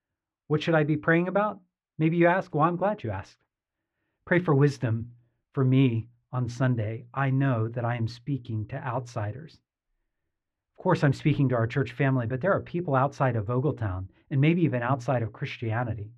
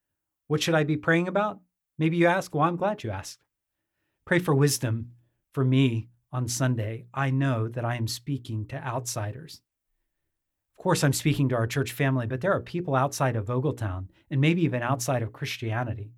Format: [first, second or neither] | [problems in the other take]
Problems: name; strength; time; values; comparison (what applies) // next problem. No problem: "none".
second | muffled; very; fading above 2.5 kHz